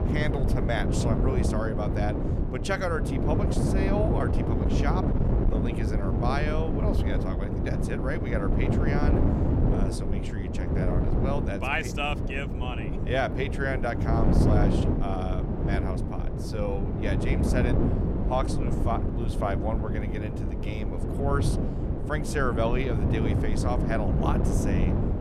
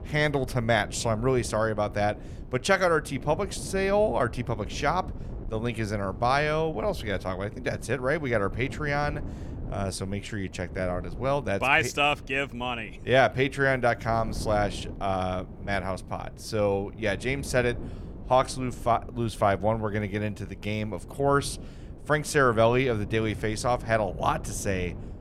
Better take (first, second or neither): second